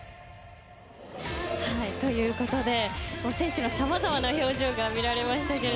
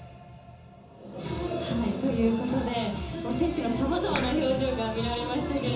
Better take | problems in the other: first | background sound (Clapping); 13 dB below the speech // room echo; dies away in 0.6 s

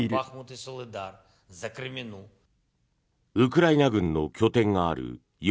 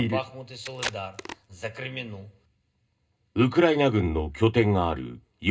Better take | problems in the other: first | background sound (Packing tape, duct tape); 11 dB below the speech // room echo; dies away in 0.2 s

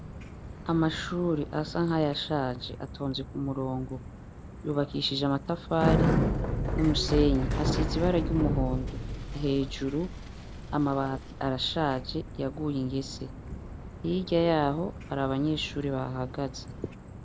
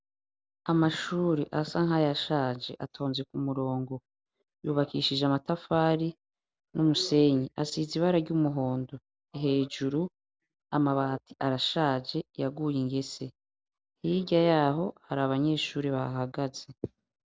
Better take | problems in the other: second | background sound (Bicycle); 4 dB below the speech

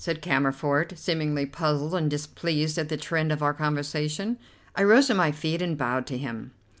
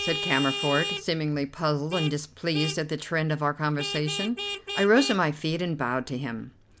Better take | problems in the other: first | background sound (Vehicle horn, car horn, honking); 9 dB below the speech

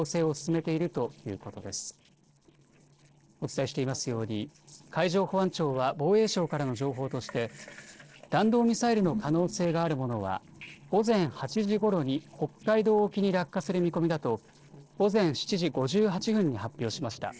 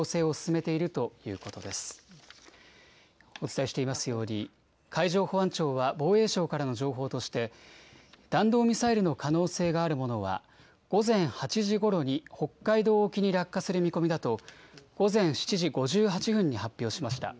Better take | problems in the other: second | noise reduction (neural separator model SepFormer DNS4)

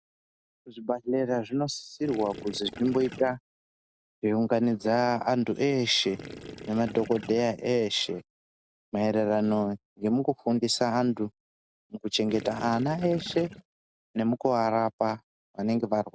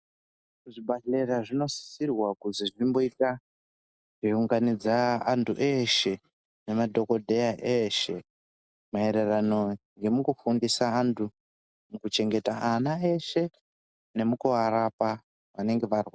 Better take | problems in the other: second | background sound (Gurgling / Liquid); 14 dB below the speech

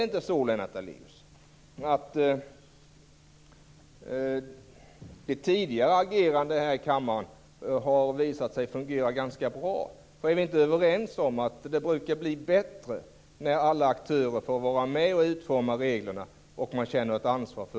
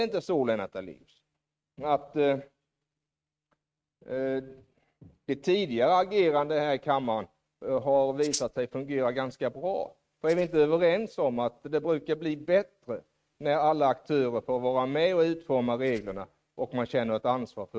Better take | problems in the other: first | noise reduction (neural mask model RNNoise)

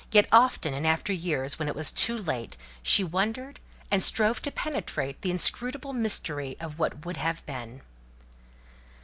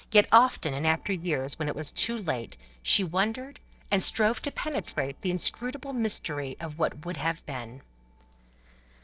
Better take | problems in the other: first | noise reduction (neural separator model SepFormer DNS4)

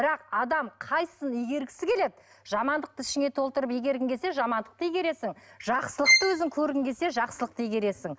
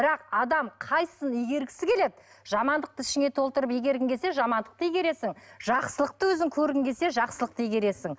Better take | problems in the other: second | background sound (Bowed string instrument); 2 dB above the speech

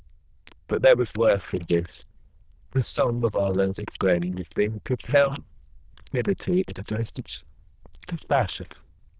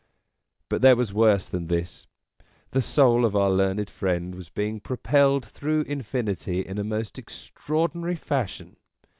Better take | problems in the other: second | noise reduction (neural diffusion model UNIVERSE++)

